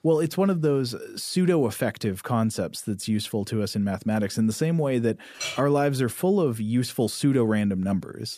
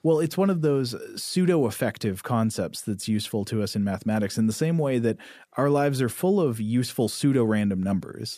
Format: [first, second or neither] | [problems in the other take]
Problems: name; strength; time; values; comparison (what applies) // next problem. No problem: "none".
second | clattering dishes; noticeable; at 5.5 s; peak 7 dB below the speech